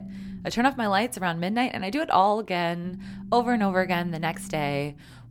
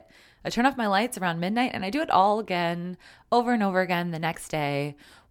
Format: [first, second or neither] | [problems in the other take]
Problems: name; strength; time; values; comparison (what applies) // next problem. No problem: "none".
second | low rumble; faint; throughout; 25 dB below the speech